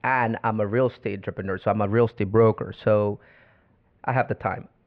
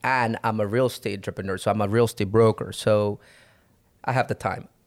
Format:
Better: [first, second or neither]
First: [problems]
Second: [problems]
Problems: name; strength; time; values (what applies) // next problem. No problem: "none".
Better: second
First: muffled; very; fading above 2.5 kHz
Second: none